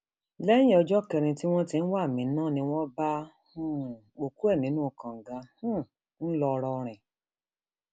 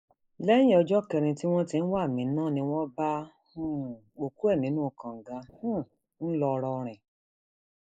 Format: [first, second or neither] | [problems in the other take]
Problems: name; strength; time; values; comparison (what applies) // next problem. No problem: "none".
first | noise reduction (neural mask model Resemble Enhance denoiser)